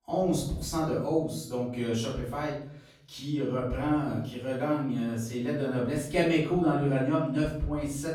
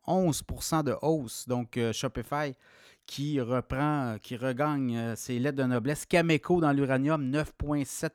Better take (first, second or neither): second